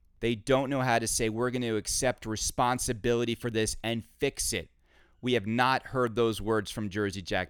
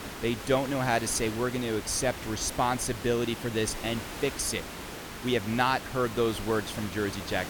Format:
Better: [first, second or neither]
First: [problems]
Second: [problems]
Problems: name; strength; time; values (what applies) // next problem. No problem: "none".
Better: first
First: none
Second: hiss; loud; throughout; 9 dB below the speech